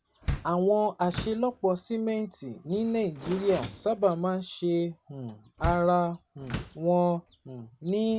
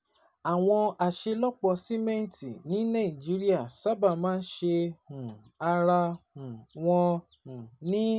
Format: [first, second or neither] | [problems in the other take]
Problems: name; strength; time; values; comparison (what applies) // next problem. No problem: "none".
second | background sound (Door); 12 dB below the speech